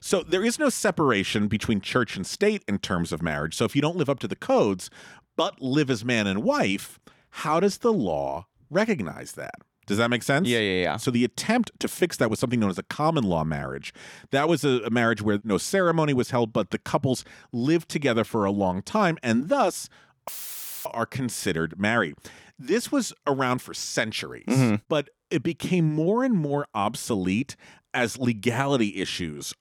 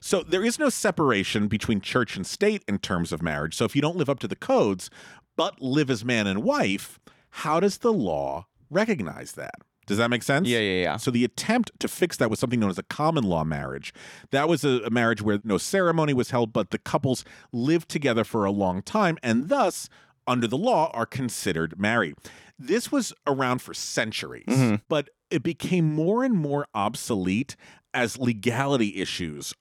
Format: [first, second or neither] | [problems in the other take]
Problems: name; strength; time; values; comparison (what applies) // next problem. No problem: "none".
second | audio cutting out; filled with static; at 20 s for 0.5 s